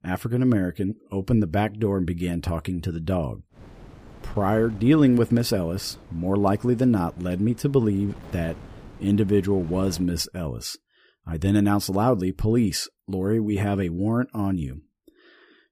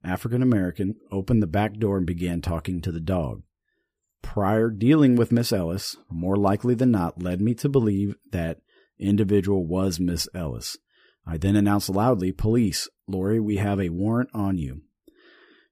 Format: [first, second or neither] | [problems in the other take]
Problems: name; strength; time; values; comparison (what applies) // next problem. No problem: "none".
second | wind noise on the microphone; occasional gusts; from 3.5 to 10 s; 20 dB below the speech